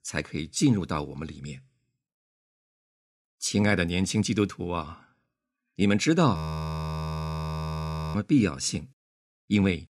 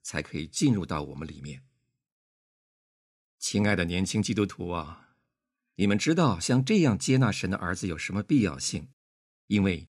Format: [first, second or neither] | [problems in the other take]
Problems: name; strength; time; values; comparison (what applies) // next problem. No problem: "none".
second | audio freezing; at 6.5 s for 2 s